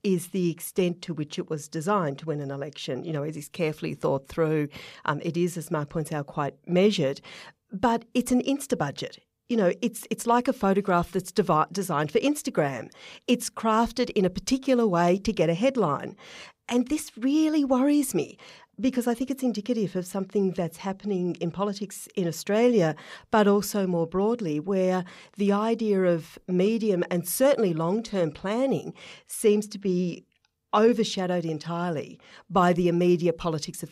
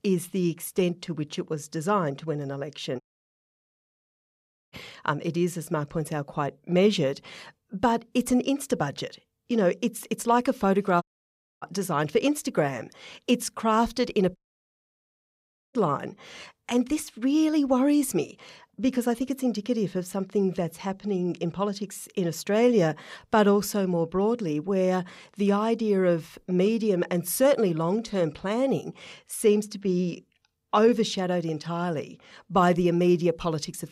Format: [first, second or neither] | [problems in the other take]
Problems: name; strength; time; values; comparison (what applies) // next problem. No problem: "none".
first | audio cutting out; at 3 s for 1.5 s, at 11 s for 0.5 s and at 14 s for 1.5 s